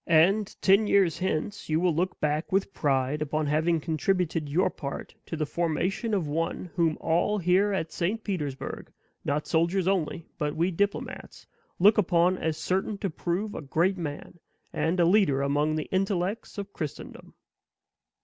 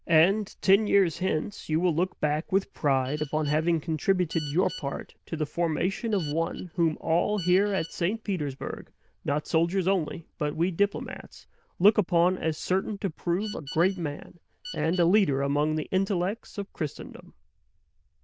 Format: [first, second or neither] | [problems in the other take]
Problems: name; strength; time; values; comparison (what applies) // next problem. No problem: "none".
first | noise reduction (neural diffusion model UNIVERSE++)